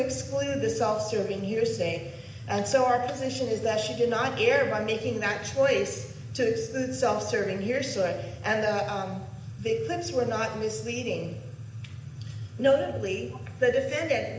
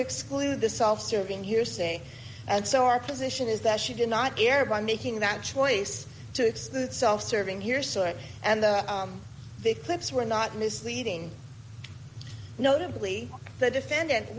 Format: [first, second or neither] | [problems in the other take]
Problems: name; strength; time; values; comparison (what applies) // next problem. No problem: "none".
second | room echo; dies away in 0.8 s